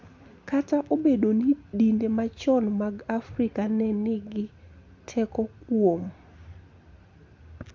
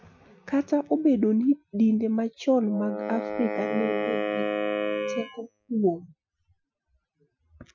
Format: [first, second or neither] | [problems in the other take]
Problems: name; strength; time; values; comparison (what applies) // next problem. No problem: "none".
first | noise reduction (classical method Wiener filter)